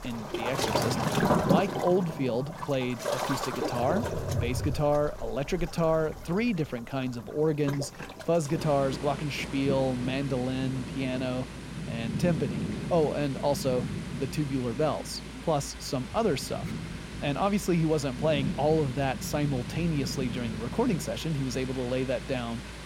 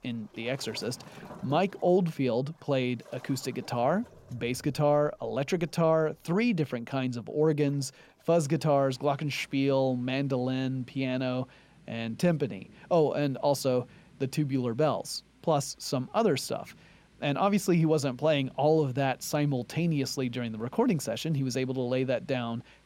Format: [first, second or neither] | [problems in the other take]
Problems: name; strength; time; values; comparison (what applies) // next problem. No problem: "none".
second | rain or running water; loud; throughout; 5 dB below the speech; faint in the second